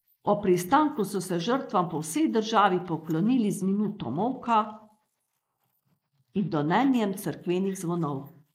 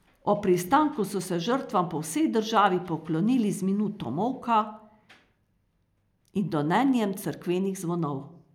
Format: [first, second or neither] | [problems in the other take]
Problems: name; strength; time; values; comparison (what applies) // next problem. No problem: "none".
second | noise reduction (neural mask model Resemble Enhance denoiser)